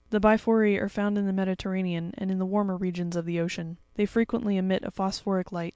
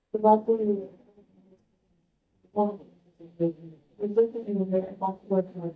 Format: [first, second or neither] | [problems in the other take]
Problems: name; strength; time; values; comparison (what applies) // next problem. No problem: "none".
first | noise reduction (neural mask model DeepFilterNet 3)